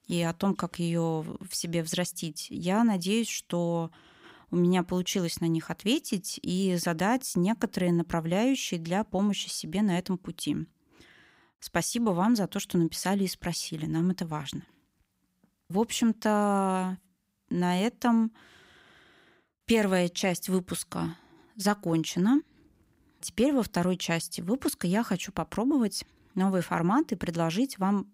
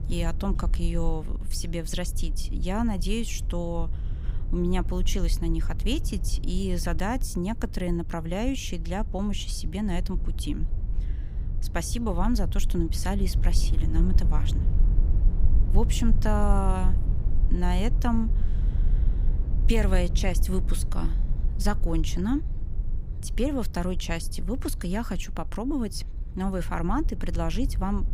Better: first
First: none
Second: low rumble; noticeable; throughout; 15 dB below the speech

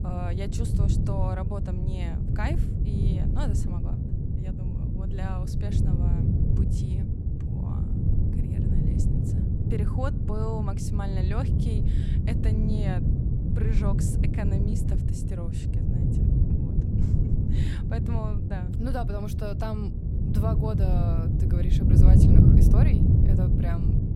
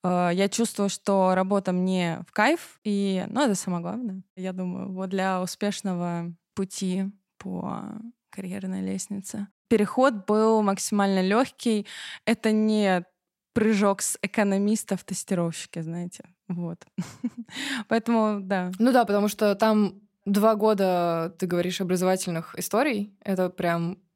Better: second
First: wind noise on the microphone; heavy; 2 dB above the speech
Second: none

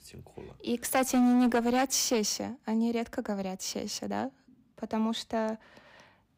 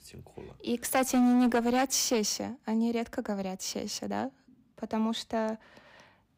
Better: neither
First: distortion; slight; 4% of the sound clipped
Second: distortion; slight; 4% of the sound clipped

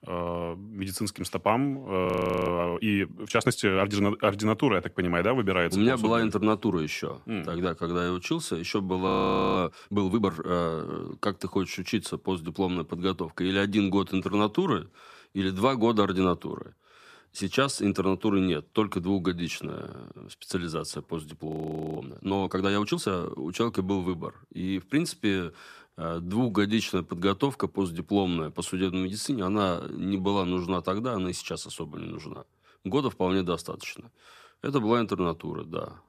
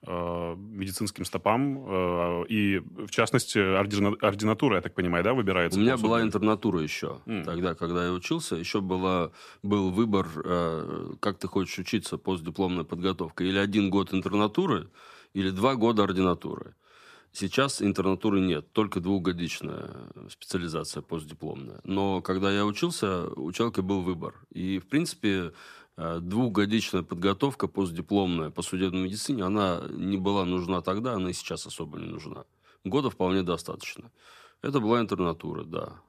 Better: second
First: audio freezing; at 2 s, at 9 s and at 21 s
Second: none

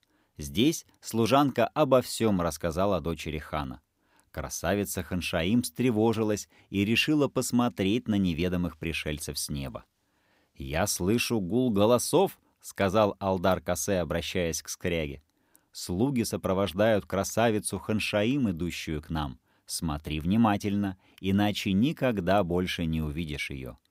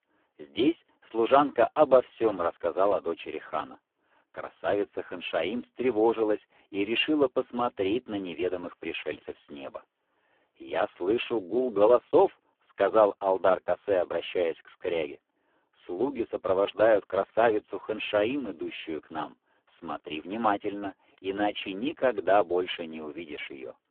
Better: first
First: none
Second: phone-call audio; poor line

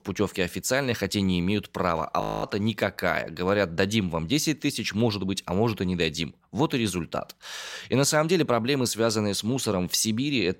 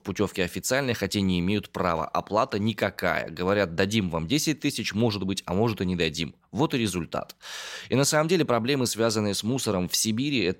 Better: second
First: audio freezing; at 2 s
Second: none

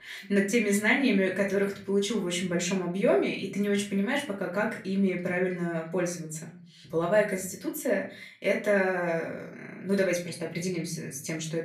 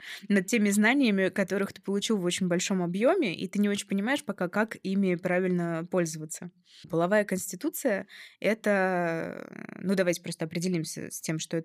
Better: second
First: room echo; slight; dies away in 0.4 s // off-mic speech; far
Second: none

